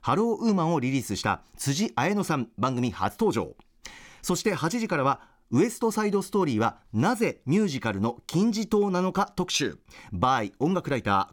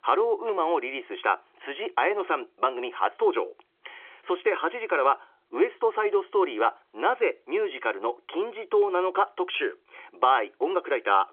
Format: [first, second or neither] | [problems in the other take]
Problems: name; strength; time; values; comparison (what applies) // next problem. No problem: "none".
first | phone-call audio; nothing above 3.5 kHz